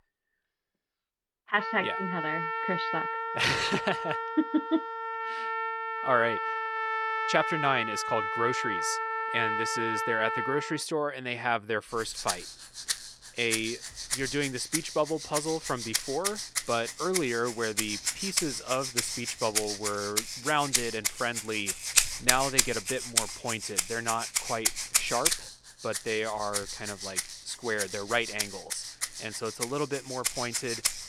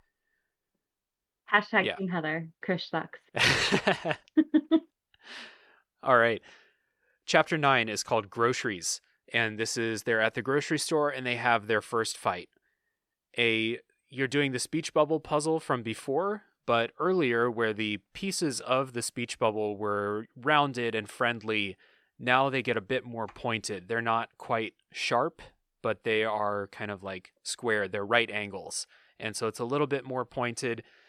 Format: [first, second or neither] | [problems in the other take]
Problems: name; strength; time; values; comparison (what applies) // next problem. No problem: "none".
second | background music; very loud; throughout; 1 dB above the speech